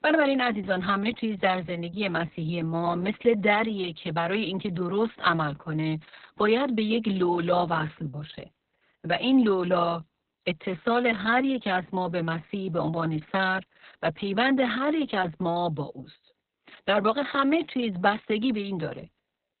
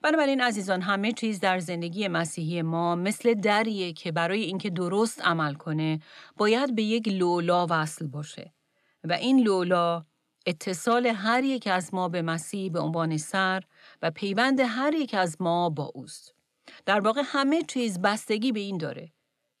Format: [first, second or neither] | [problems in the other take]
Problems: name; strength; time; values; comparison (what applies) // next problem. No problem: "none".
second | garbled, watery; badly; nothing above 4 kHz